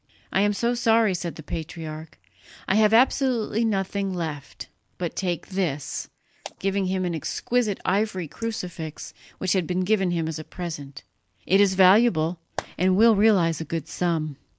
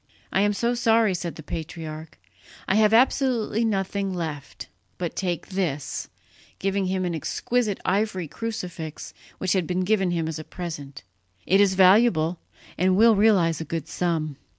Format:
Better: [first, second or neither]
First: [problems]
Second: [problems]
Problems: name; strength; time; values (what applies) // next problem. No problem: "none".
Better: second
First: noise reduction (neural mask model Resemble Enhance denoiser)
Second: none